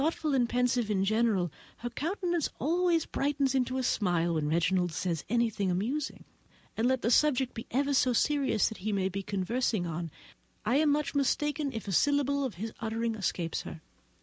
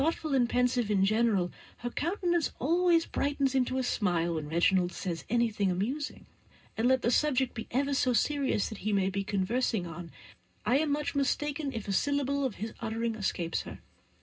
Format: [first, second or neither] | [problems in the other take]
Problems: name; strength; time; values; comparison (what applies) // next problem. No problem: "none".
first | room echo; dies away in 0.2 s